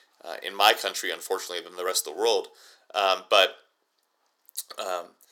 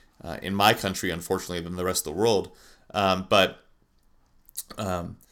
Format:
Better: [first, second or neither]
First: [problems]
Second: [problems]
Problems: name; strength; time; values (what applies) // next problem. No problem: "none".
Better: second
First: thin; very; fading below 400 Hz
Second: none